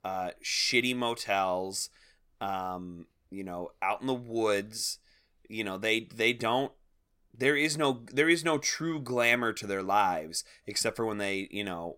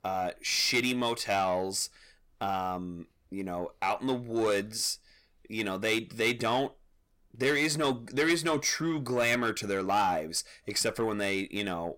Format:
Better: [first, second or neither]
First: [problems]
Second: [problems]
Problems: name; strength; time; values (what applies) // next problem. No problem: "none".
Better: first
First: none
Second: distortion; slight; 10 dB below the speech